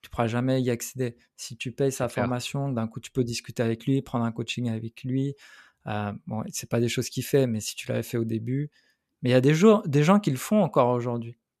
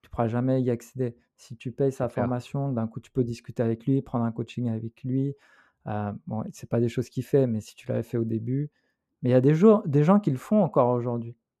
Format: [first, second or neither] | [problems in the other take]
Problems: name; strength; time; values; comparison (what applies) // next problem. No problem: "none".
first | muffled; slightly; fading above 1.5 kHz